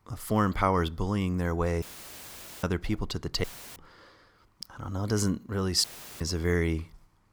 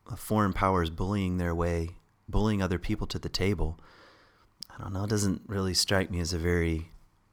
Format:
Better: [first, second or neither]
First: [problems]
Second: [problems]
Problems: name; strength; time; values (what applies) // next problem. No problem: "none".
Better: second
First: audio cutting out; filled with static; at 2 s for 1 s, at 3.5 s and at 6 s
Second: none